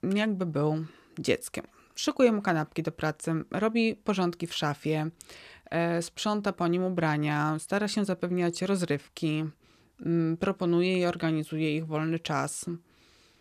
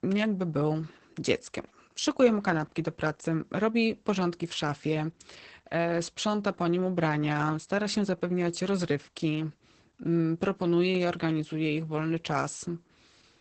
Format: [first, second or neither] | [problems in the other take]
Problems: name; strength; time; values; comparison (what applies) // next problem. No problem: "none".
first | garbled, watery; badly; nothing above 8 kHz